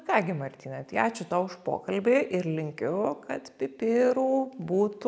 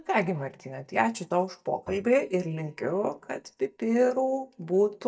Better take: first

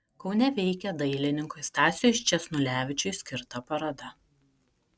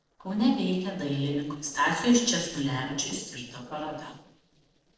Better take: first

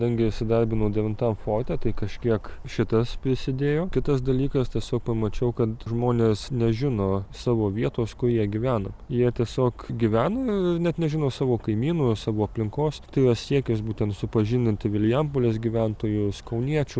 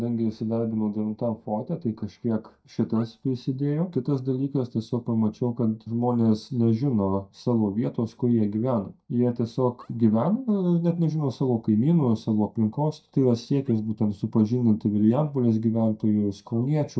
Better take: first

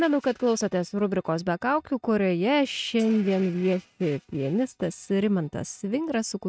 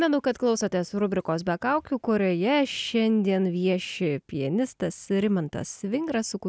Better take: second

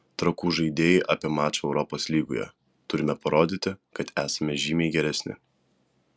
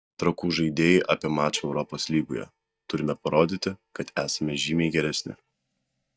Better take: first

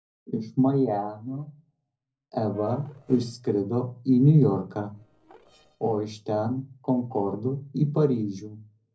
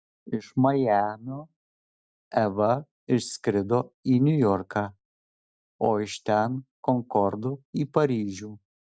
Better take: second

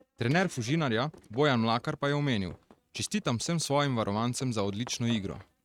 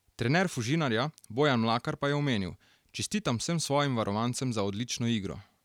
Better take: second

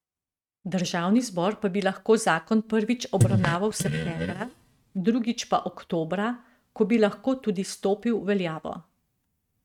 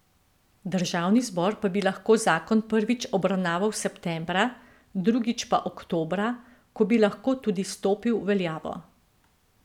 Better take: second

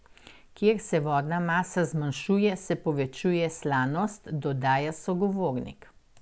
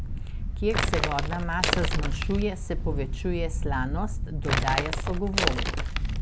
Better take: first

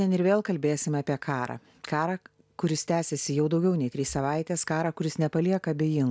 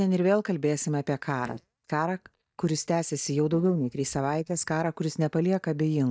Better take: first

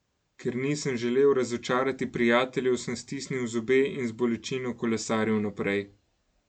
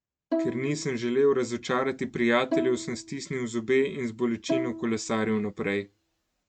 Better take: first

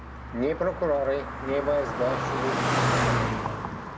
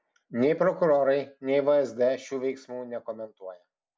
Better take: second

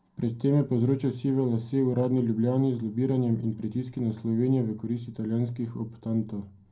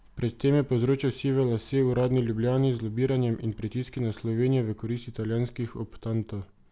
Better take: second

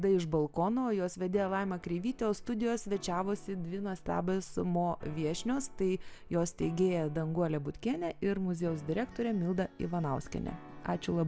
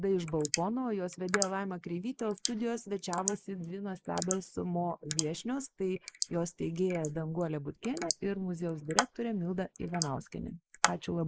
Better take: first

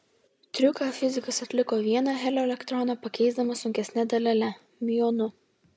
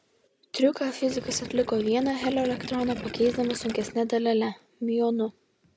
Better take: first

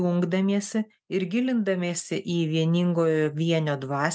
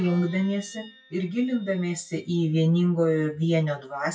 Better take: first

